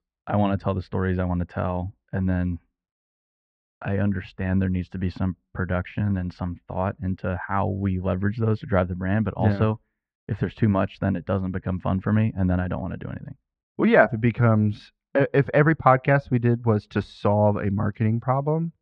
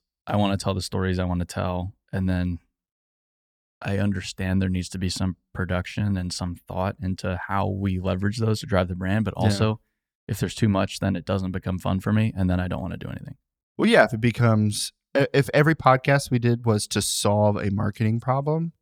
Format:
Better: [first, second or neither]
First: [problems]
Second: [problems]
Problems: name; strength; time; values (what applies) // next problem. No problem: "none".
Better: second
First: muffled; very; fading above 2 kHz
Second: none